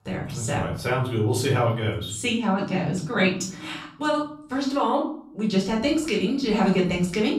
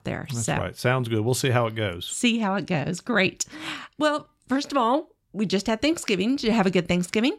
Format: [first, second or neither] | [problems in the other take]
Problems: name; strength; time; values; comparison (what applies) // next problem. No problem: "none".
second | off-mic speech; far // room echo; slight; dies away in 0.6 s